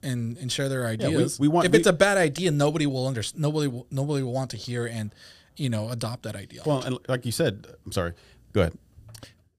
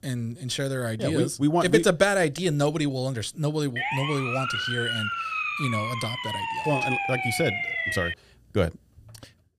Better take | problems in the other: first | siren; loud; from 4 to 8 s; peak 1 dB above the speech

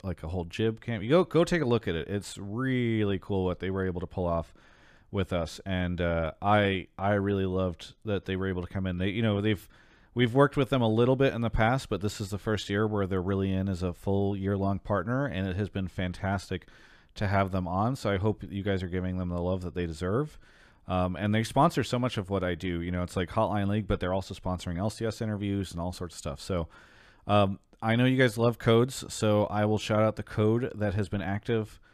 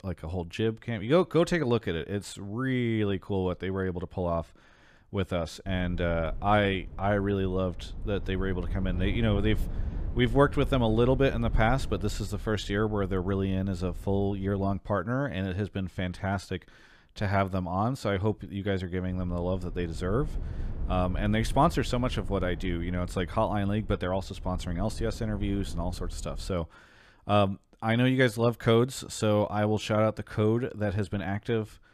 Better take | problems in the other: first | low rumble; faint; from 5.5 to 15 s and from 19 to 27 s; 20 dB below the speech

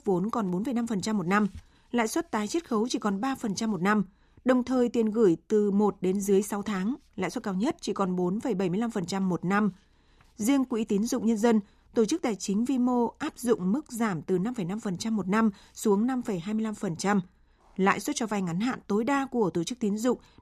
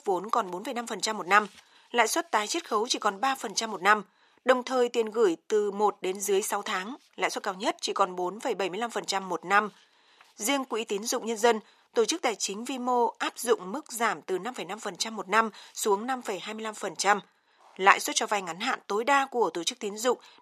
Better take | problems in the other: first | thin; very; fading below 650 Hz

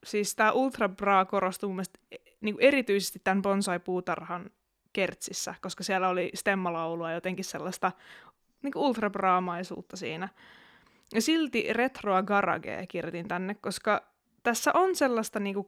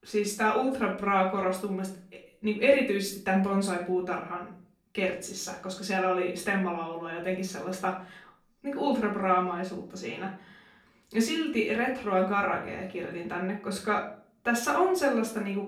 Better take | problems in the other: first | off-mic speech; far // room echo; slight; dies away in 0.4 s

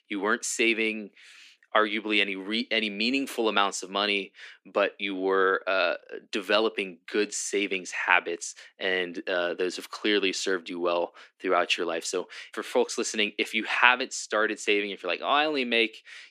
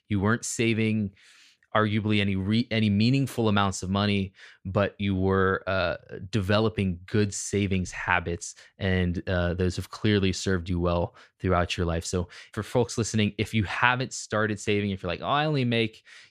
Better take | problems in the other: second | thin; somewhat; fading below 250 Hz

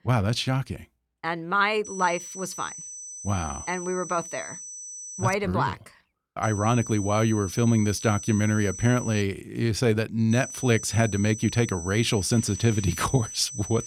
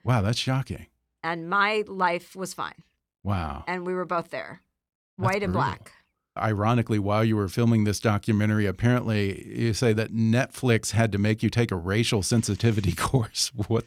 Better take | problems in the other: second | high-pitched whine; noticeable; from 2 to 5.5 s, from 6.5 to 9 s and from 10 s on; 6 kHz, 10 dB below the speech

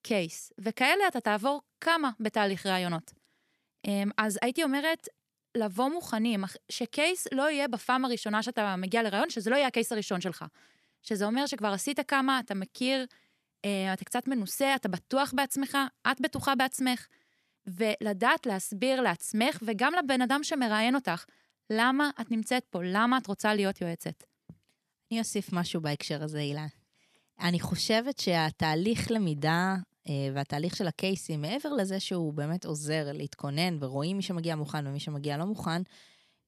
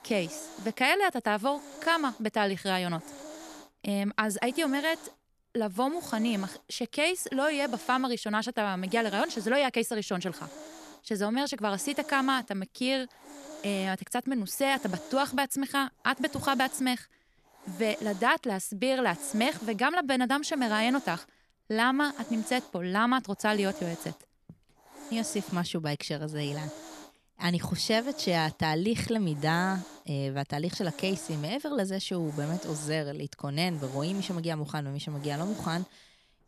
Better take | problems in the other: first | hiss; noticeable; throughout; 15 dB below the speech

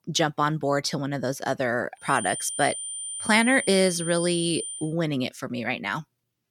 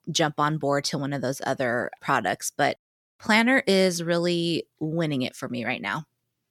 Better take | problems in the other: second | high-pitched whine; loud; from 2 to 5 s; 9 kHz, 6 dB below the speech

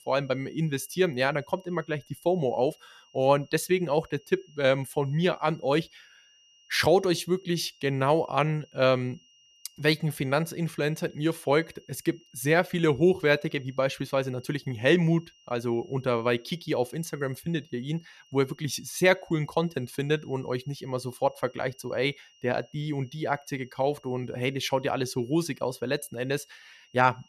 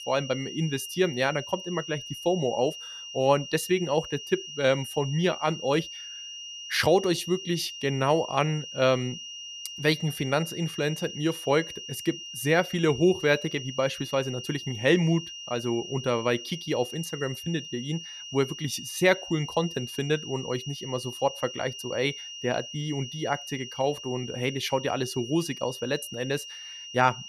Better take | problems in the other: first | high-pitched whine; loud; throughout; 3 kHz, 10 dB below the speech; faint in the first

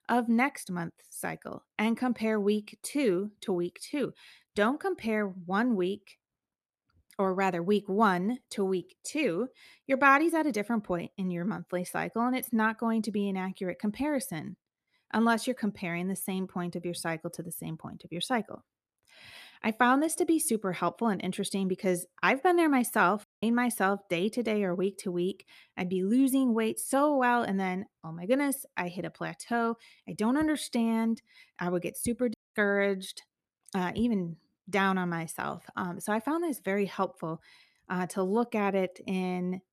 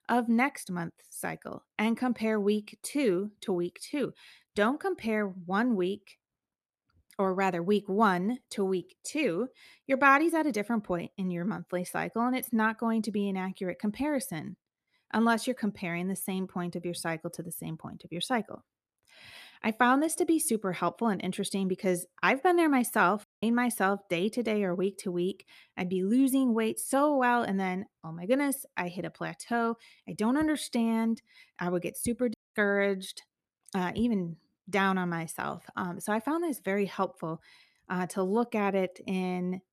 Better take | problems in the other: neither | audio cutting out; at 23 s and at 32 s; the same in both

